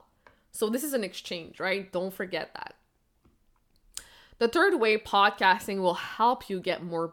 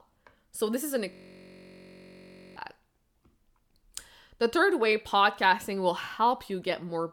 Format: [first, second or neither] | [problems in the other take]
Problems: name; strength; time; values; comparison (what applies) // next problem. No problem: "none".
first | audio freezing; at 1 s for 1.5 s